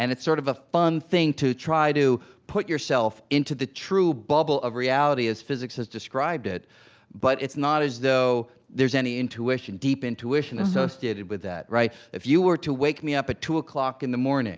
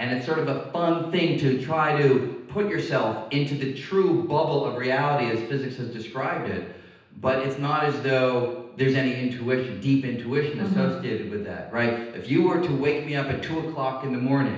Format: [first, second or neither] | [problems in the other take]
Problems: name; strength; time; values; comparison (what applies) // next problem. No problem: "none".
first | room echo; dies away in 0.9 s